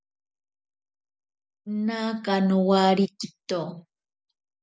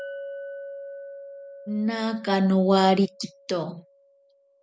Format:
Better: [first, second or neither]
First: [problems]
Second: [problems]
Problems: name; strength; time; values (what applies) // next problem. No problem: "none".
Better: first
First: none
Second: background sound (Chink, clink); 15 dB below the speech